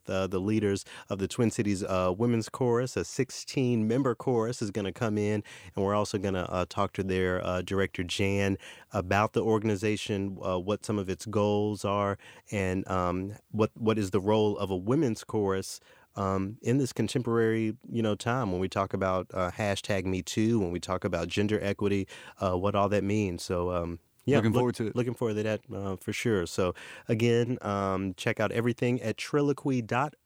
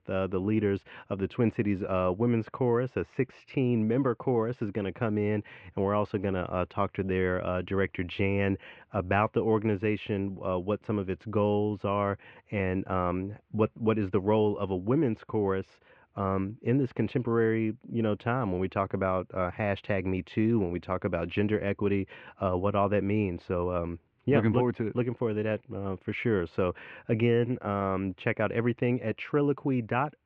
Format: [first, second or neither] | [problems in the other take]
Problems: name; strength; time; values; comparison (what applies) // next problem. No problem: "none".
first | muffled; very; fading above 2.5 kHz